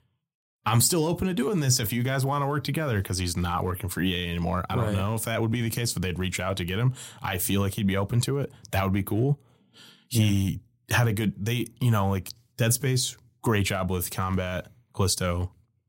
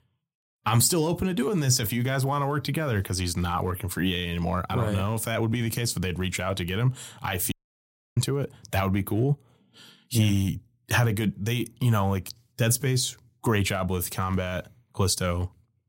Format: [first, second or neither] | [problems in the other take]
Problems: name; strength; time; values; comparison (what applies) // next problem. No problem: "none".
first | audio cutting out; at 7.5 s for 0.5 s